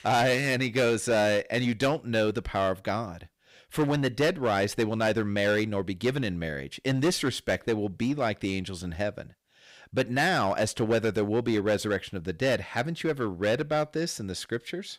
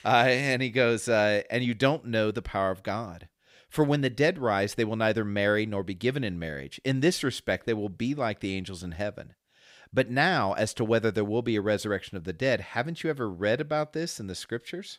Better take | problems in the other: second | distortion; slight; 8% of the sound clipped

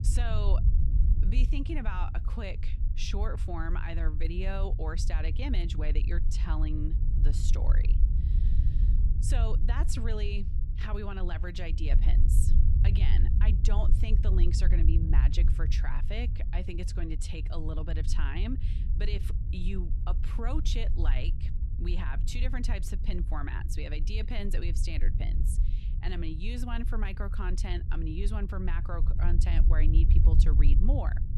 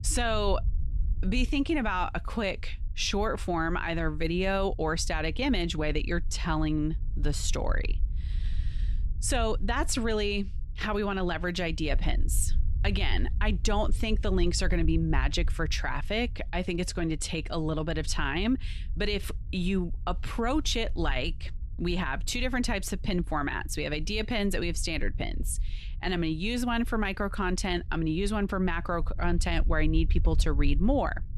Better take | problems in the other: second | low rumble; loud; throughout; 7 dB below the speech; faint in the second

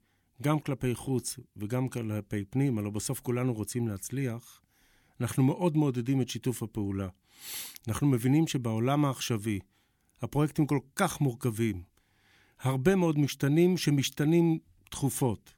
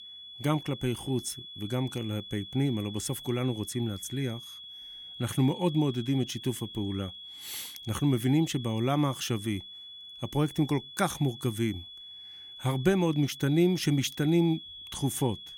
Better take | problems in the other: first | high-pitched whine; noticeable; throughout; 3.5 kHz, 15 dB below the speech

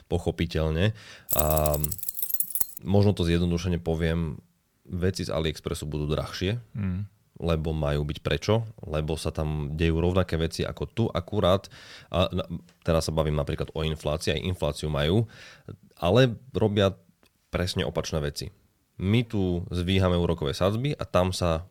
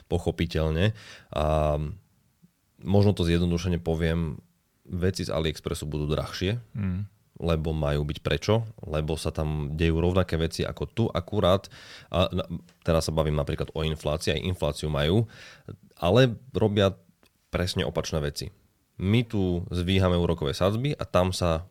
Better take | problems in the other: second | jangling keys; loud; from 1.5 to 3 s; peak 4 dB above the speech

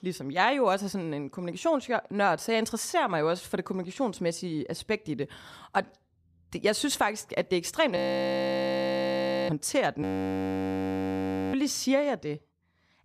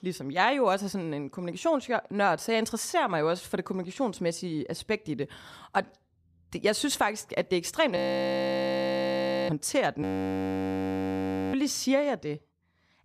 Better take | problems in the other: neither | audio freezing; at 8 s for 1.5 s and at 10 s for 1.5 s; the same in both

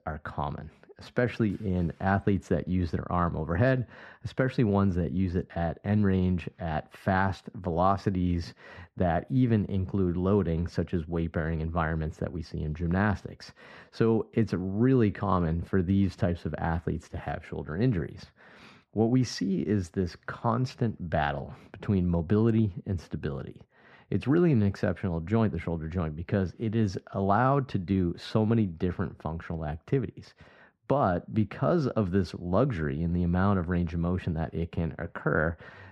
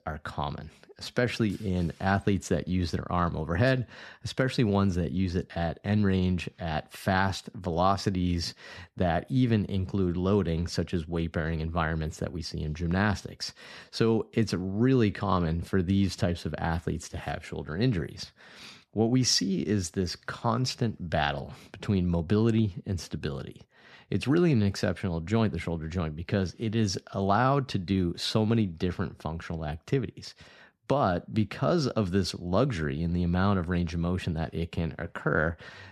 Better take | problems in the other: second | muffled; slightly; fading above 3 kHz

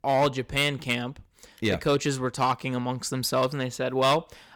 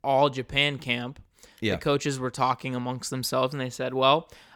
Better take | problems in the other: second | distortion; slight; 3% of the sound clipped

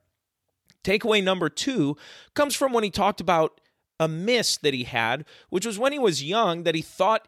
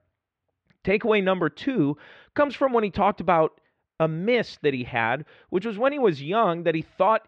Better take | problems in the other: first | muffled; very; fading above 2.5 kHz

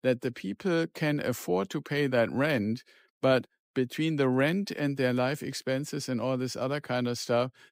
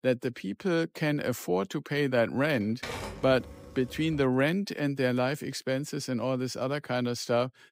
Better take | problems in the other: first | keyboard typing; noticeable; from 2.5 to 4.5 s; peak 7 dB below the speech

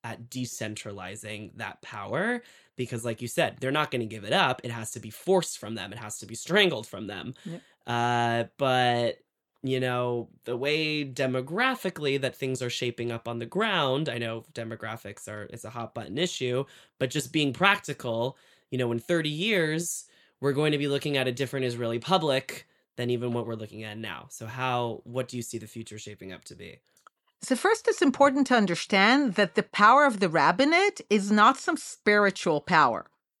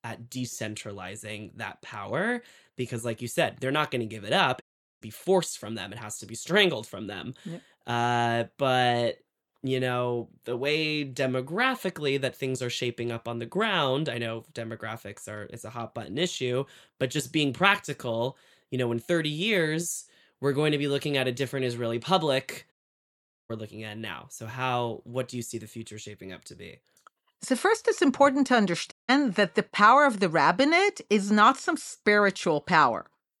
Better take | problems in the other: first | audio cutting out; at 4.5 s, at 23 s for 1 s and at 29 s

